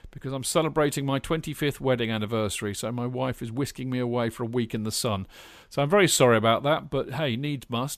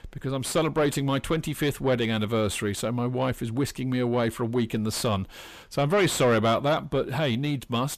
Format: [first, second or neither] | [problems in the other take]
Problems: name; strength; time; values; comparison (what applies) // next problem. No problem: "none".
first | distortion; slight; 9 dB below the speech